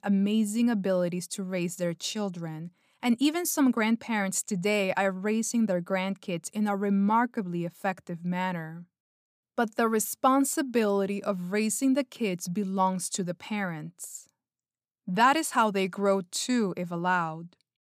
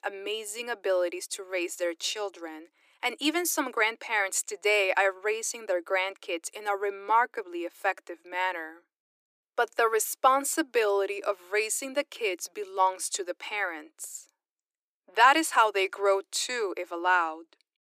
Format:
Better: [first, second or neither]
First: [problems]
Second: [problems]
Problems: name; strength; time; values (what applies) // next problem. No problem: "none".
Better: first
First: none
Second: thin; very; fading below 300 Hz